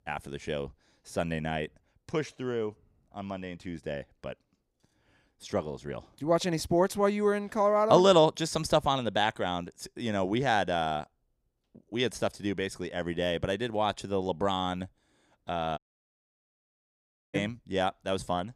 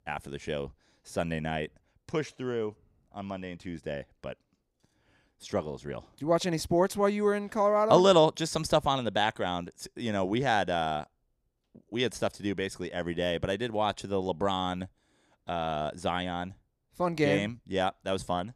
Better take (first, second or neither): second